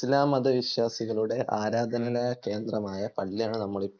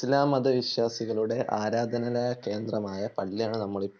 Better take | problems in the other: second | noise reduction (neural mask model Resemble Enhance denoiser)

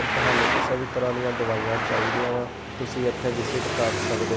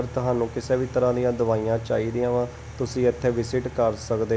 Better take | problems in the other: second | background sound (Traffic noise, roadway noise); 1 dB above the speech

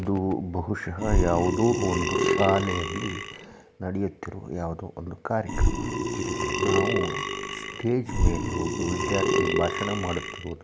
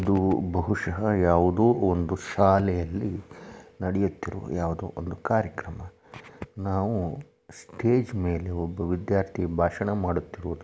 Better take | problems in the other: second | background sound (Burping, eructation); 2 dB above the speech

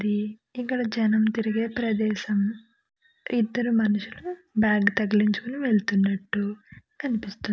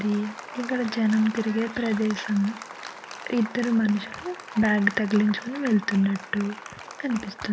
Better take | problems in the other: first | background sound (Applause); 14 dB below the speech

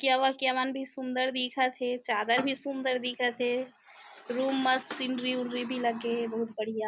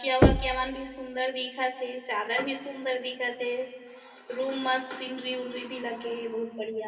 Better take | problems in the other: first | background sound (Knock); 3 dB above the speech // room echo; dies away in 1.8 s

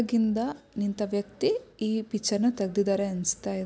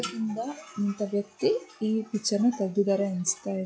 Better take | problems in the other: first | noise reduction (classical method log-MMSE)

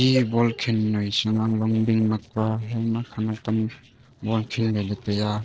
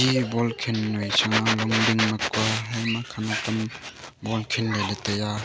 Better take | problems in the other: second | noise reduction (neural separator model SepFormer DNS4)

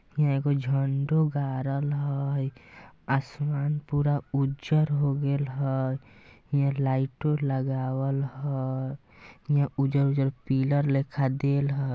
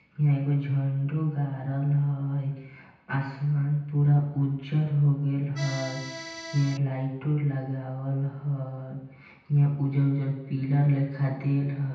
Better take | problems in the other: first | background sound (Accordion); 12 dB below the speech // room echo; dies away in 0.9 s

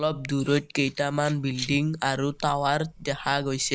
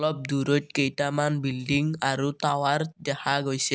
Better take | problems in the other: second | noise reduction (neural mask model Resemble Enhance denoiser)

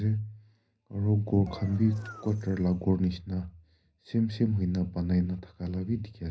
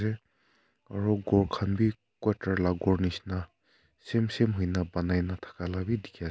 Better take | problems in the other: second | background sound (Engine); 20 dB below the speech // room echo; dies away in 0.5 s

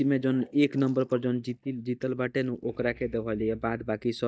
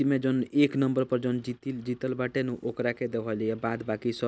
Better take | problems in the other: second | noise reduction (neural mask model DeepFilterNet 3)

